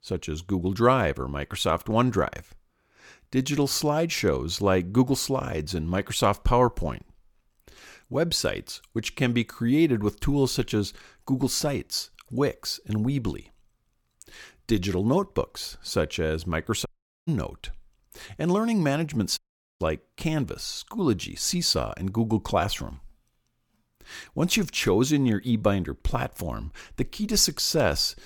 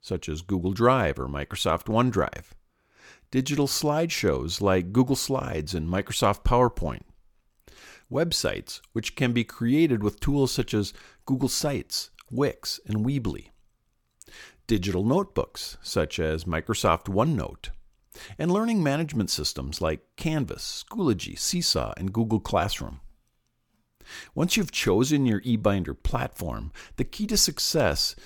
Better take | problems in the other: second | audio cutting out; at 17 s and at 19 s

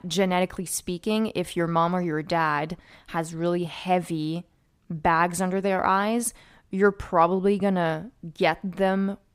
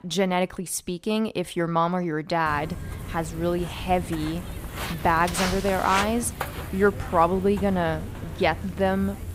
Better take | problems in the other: first | footsteps; noticeable; from 2.5 s on; peak 3 dB below the speech

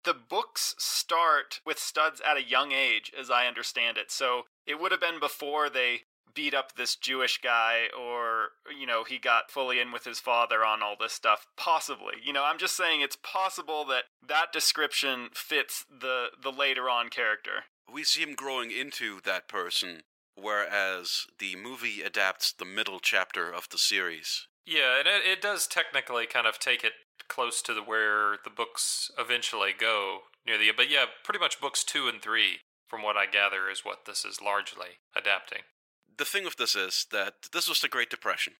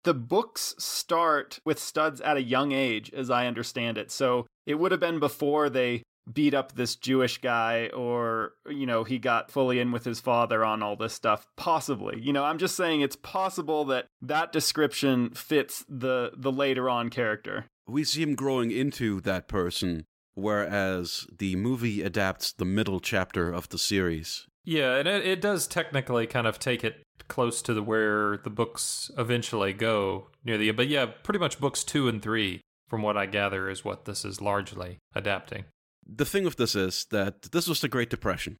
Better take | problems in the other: second | thin; very; fading below 700 Hz

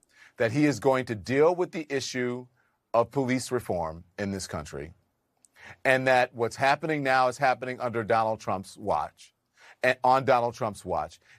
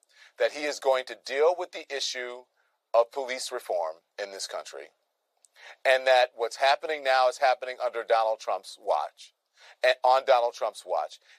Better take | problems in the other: first | thin; very; fading below 500 Hz

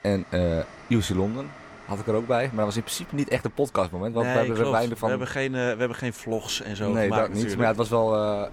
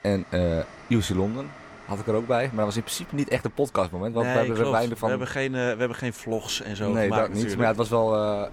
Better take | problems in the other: neither | train or aircraft noise; faint; throughout; 20 dB below the speech; the same in both

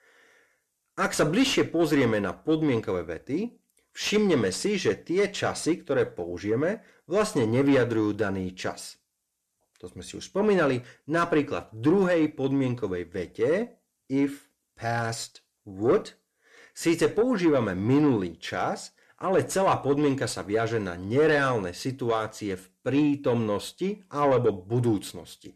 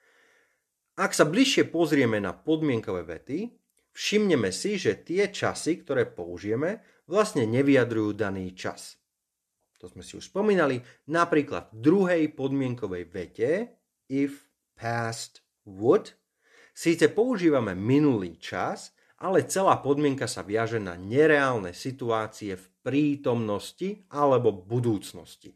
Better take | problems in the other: second | distortion; slight; 10 dB below the speech

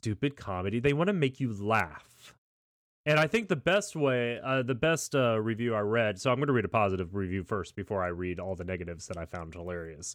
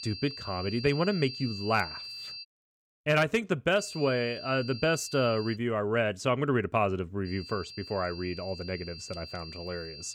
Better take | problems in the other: first | high-pitched whine; noticeable; until 2.5 s, from 4 to 5.5 s and from 7.5 s on; 4.5 kHz, 10 dB below the speech

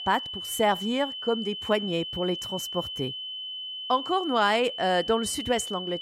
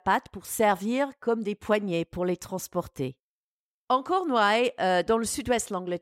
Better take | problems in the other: second | high-pitched whine; loud; throughout; 3 kHz, 6 dB below the speech

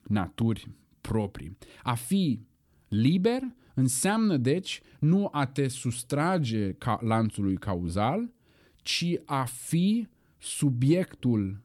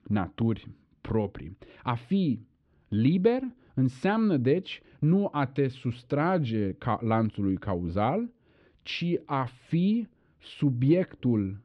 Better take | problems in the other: first | muffled; slightly; fading above 3 kHz

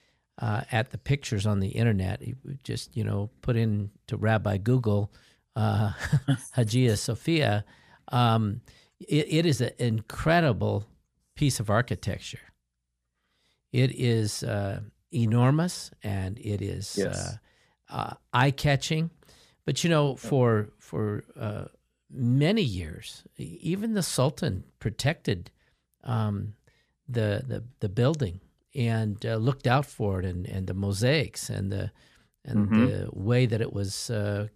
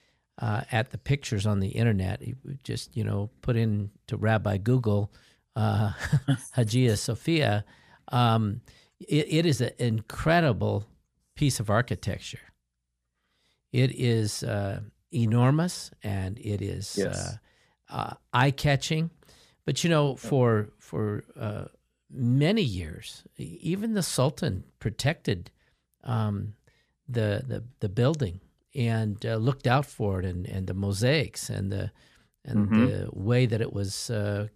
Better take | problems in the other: neither | none

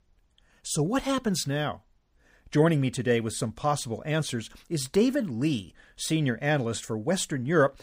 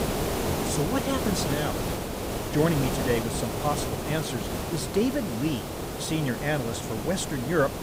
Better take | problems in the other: first | hiss; loud; throughout; 2 dB below the speech

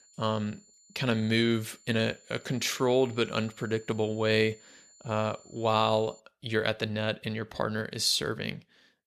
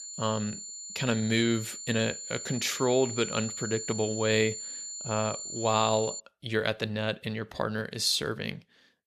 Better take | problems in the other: first | high-pitched whine; loud; until 6 s; 7 kHz, 7 dB below the speech; faint in the first

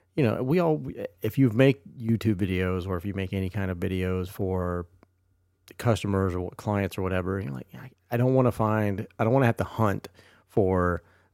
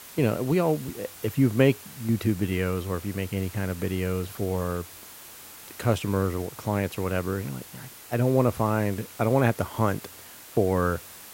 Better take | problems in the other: first | hiss; noticeable; throughout; 15 dB below the speech

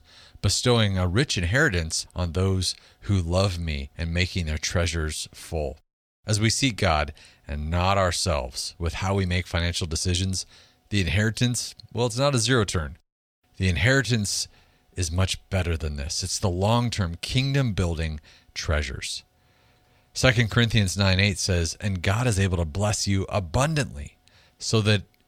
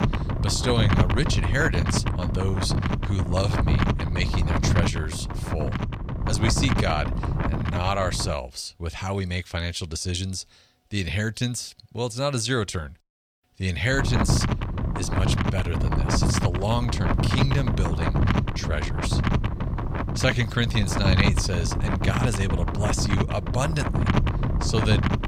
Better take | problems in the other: first | wind noise on the microphone; heavy; until 8.5 s and from 14 s on; 2 dB below the speech

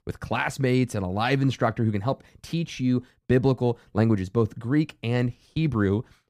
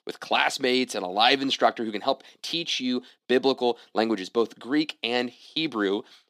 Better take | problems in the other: first | thin; somewhat; fading below 250 Hz

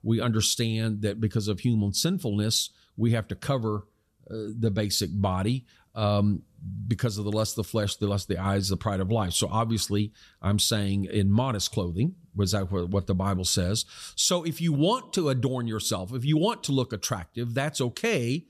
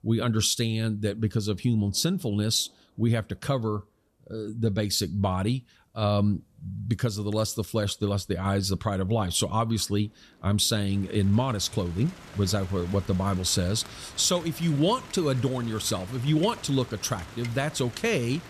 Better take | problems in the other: first | rain or running water; noticeable; throughout; 20 dB below the speech

